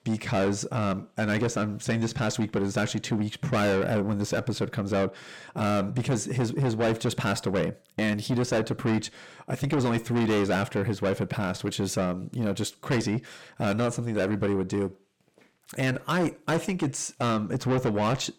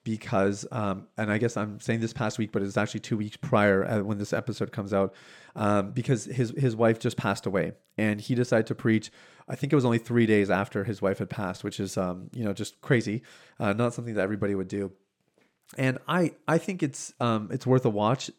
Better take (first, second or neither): second